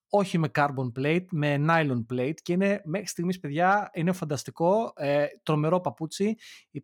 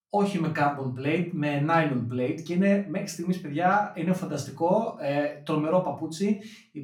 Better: first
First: none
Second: off-mic speech; far // room echo; slight; dies away in 0.3 s

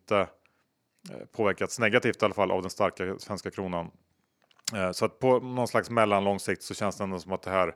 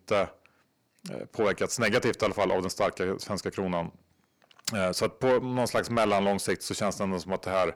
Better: first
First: none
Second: distortion; heavy; 7 dB below the speech

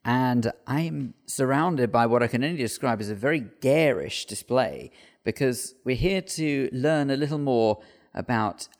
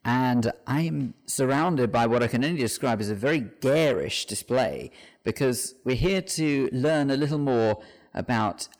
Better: first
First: none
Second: distortion; slight; 10 dB below the speech

